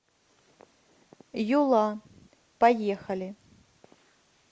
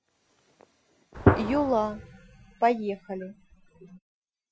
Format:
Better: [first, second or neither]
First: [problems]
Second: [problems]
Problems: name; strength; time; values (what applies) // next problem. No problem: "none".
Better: first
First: none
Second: noise reduction (classical method Wiener filter)